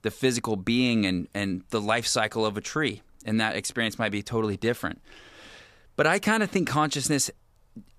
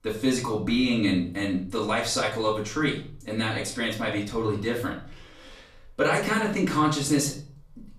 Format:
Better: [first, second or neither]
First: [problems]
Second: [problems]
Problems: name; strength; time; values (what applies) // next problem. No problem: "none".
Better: first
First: none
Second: off-mic speech; far // room echo; slight; dies away in 0.5 s